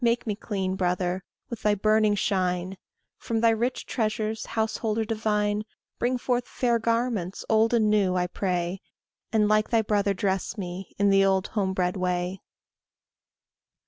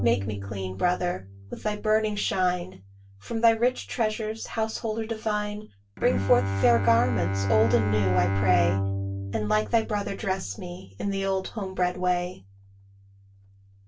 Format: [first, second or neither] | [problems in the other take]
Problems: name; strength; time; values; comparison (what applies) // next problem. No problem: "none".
first | background sound (Bowed string instrument); 5 dB below the speech // room echo; dies away in 0.2 s